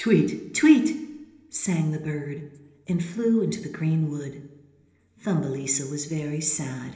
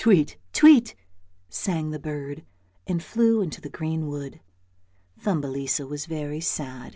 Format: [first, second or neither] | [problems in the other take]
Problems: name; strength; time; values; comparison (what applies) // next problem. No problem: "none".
second | room echo; dies away in 1 s